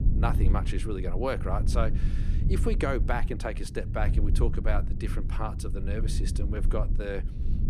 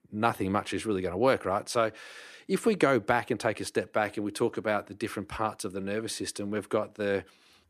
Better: second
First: low rumble; noticeable; throughout; 10 dB below the speech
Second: none

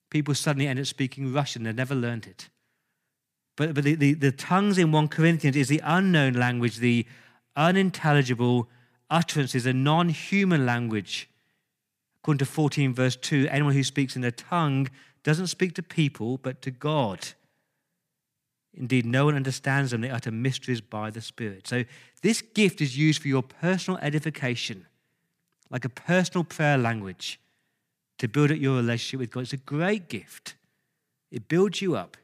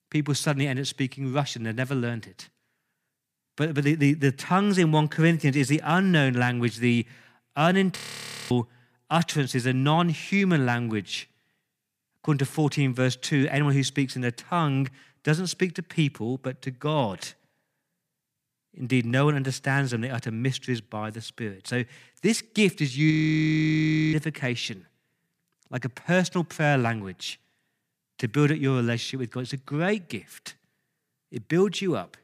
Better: first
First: none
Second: audio freezing; at 8 s for 0.5 s and at 23 s for 1 s

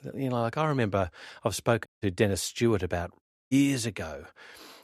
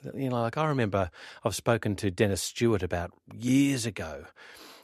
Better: second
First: audio cutting out; at 2 s and at 3 s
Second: none

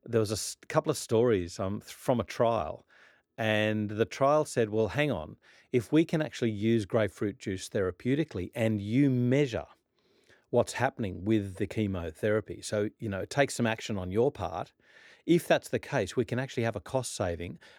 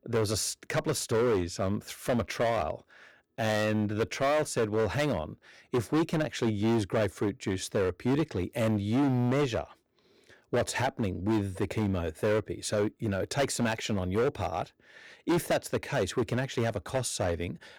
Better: first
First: none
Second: distortion; heavy; 11% of the sound clipped

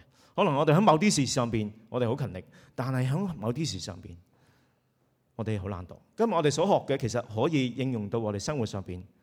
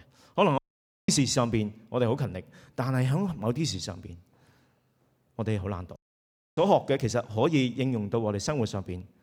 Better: first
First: none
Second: audio cutting out; at 0.5 s for 0.5 s and at 6 s for 0.5 s

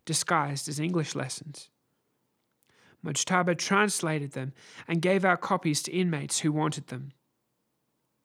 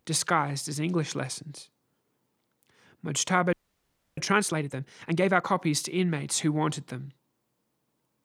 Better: first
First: none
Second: audio freezing; at 3.5 s for 0.5 s

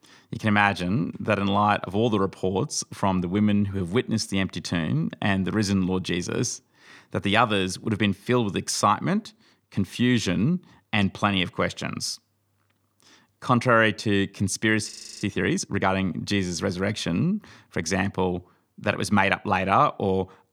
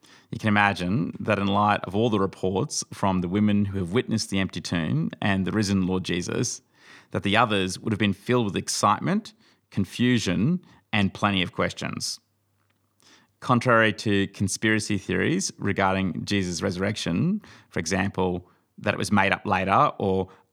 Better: second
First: audio freezing; at 15 s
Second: none

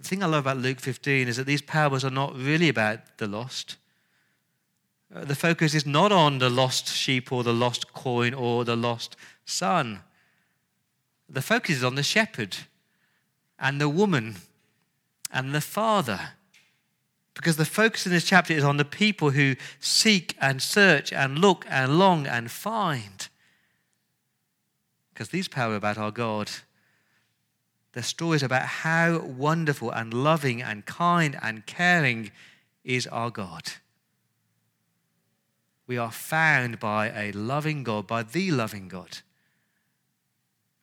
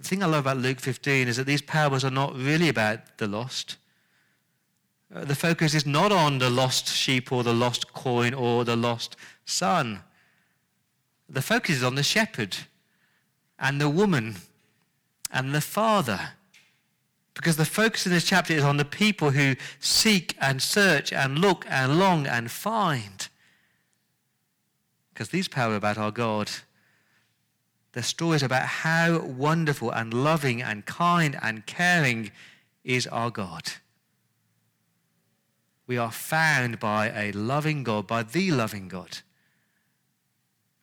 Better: first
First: none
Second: distortion; slight; 4% of the sound clipped

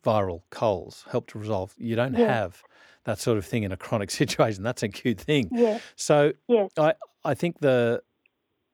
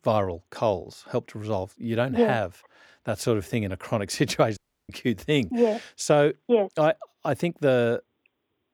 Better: first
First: none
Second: audio cutting out; at 4.5 s

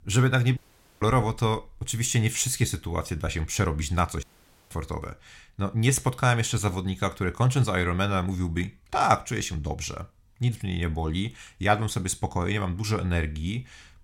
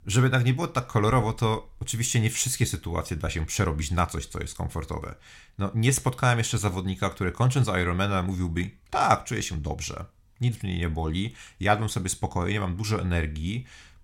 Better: second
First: audio cutting out; at 0.5 s and at 4 s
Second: none

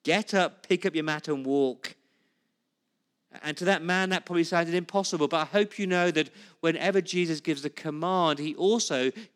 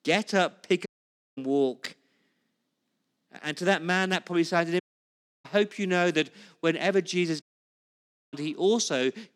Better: first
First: none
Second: audio cutting out; at 1 s for 0.5 s, at 5 s for 0.5 s and at 7.5 s for 1 s

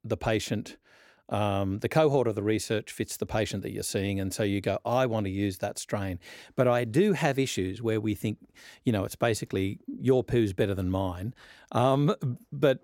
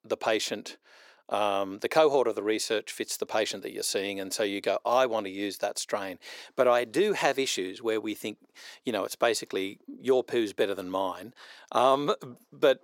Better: first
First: none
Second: thin; somewhat; fading below 450 Hz

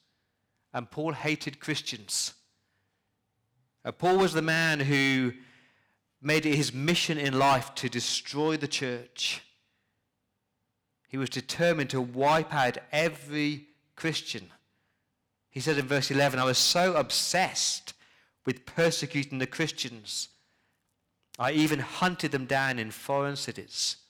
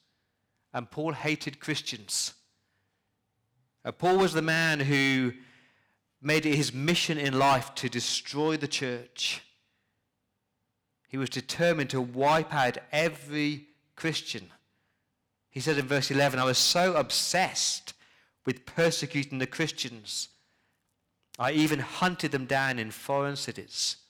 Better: neither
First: distortion; slight; 2% of the sound clipped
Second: distortion; slight; 2% of the sound clipped

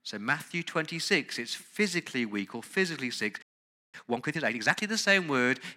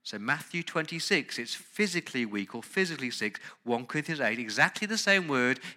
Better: second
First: audio freezing; at 3.5 s for 0.5 s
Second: none

